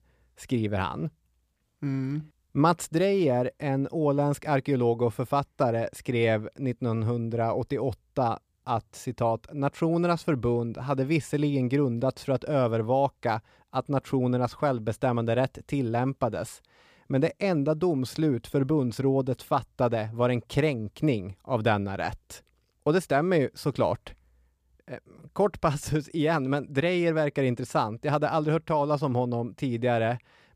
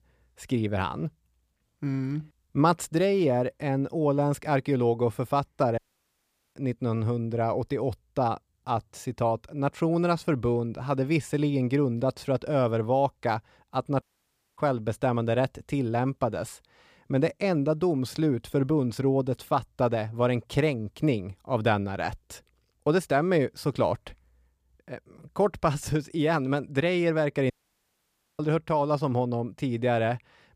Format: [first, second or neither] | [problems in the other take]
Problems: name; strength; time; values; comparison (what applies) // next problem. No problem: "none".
first | audio cutting out; at 6 s for 1 s, at 14 s for 0.5 s and at 28 s for 1 s